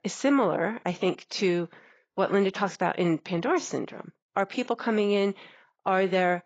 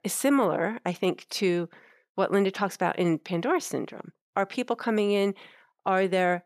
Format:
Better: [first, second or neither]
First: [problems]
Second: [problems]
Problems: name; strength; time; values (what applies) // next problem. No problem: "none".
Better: second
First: garbled, watery; badly; nothing above 7.5 kHz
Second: none